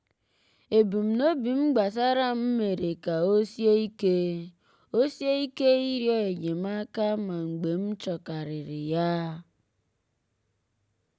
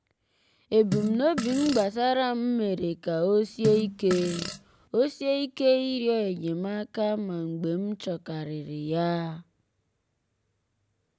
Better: first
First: none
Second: background sound (Fart); 8 dB below the speech

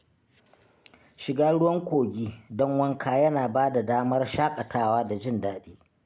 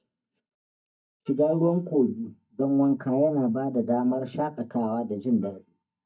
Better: first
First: none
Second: noise reduction (neural mask model DeepFilterNet 3)

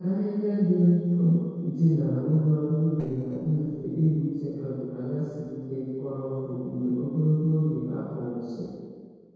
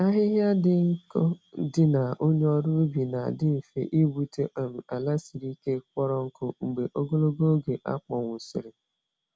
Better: second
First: noise reduction (neural separator model SepFormer DNS4)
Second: none

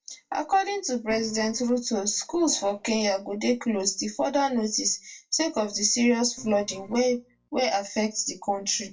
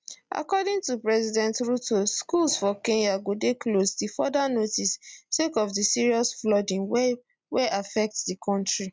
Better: second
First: noise reduction (neural separator model SepFormer DNS4)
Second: none

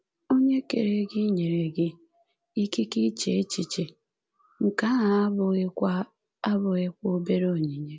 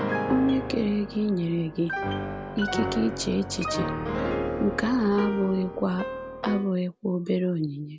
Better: first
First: none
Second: background sound (Piano); 5 dB below the speech

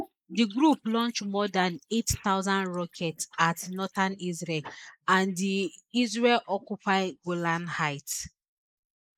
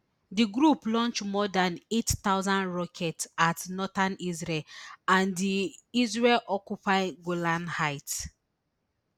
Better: second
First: noise reduction (neural mask model Resemble Enhance denoiser)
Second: none

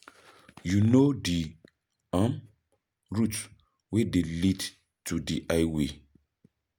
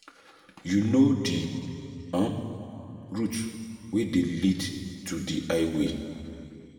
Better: first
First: none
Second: room echo; dies away in 2.3 s

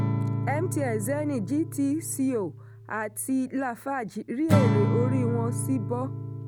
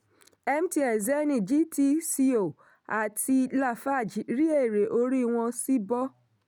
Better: second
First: background sound (Acoustic guitar / Strum); as loud as the speech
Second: none

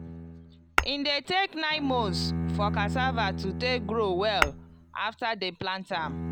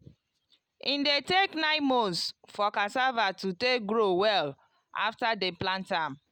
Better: second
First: background sound (Bowed string instrument + Tap / Glass); 3 dB below the speech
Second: none

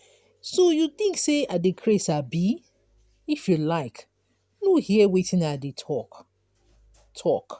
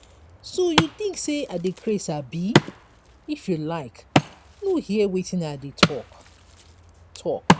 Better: first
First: none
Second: background sound (Wood); 1 dB above the speech

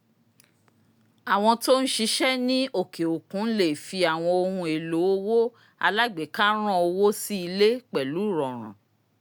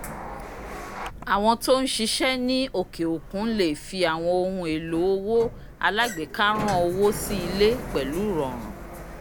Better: first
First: none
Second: background sound (Sliding door); 11 dB below the speech

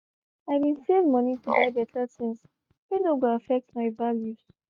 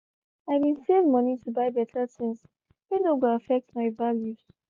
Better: second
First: noise reduction (neural mask model RNNoise)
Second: none

